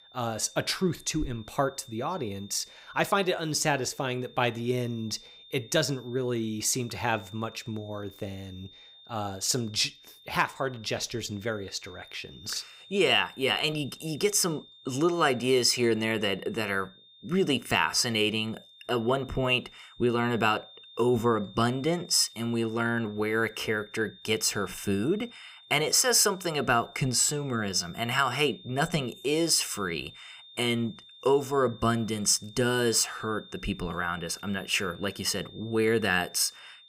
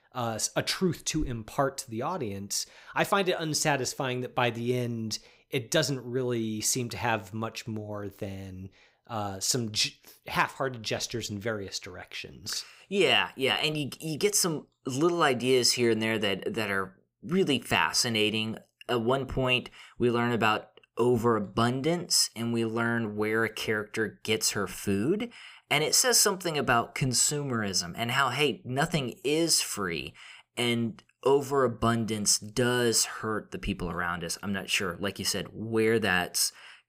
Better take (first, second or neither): second